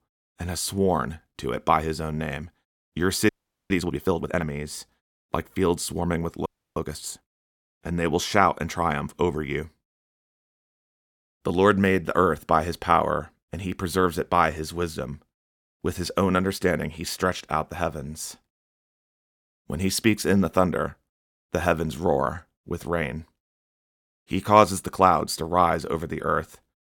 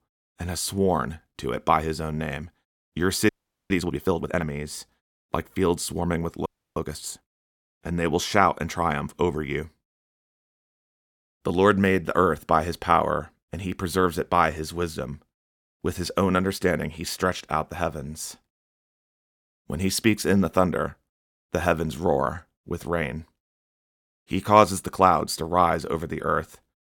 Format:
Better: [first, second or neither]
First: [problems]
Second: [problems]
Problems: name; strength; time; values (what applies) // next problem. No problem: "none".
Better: neither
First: audio freezing; at 3.5 s and at 6.5 s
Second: audio freezing; at 3.5 s and at 6.5 s